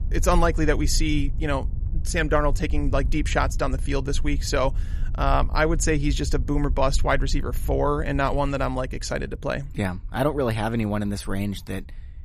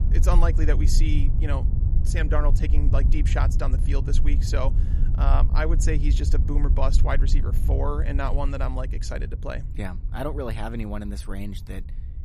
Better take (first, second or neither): first